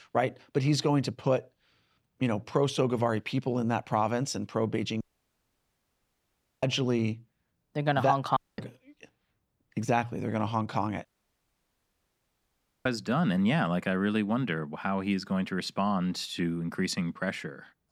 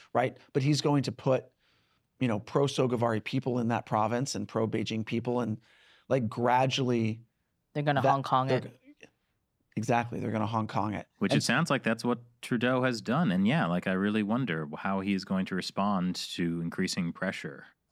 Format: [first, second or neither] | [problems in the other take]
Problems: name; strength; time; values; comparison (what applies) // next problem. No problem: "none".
second | audio cutting out; at 5 s for 1.5 s, at 8.5 s and at 11 s for 2 s